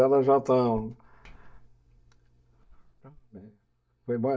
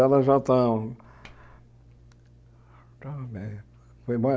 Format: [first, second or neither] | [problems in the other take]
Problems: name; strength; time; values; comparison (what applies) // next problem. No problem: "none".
second | noise reduction (neural mask model DeepFilterNet 3)